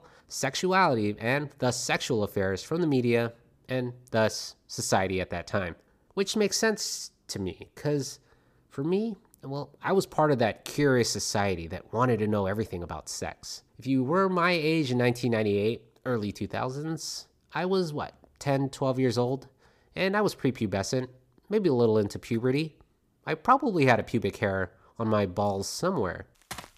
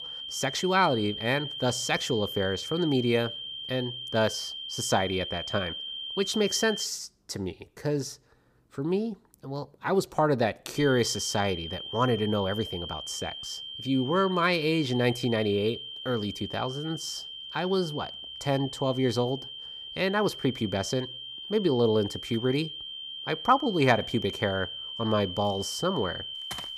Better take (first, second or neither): first